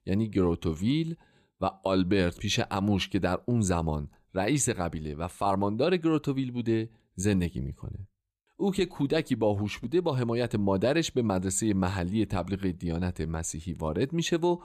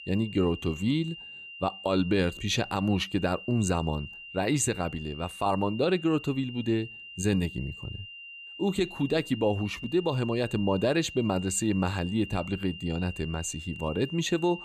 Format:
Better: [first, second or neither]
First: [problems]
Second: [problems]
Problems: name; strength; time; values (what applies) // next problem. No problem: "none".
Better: first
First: none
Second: high-pitched whine; noticeable; throughout; 3 kHz, 15 dB below the speech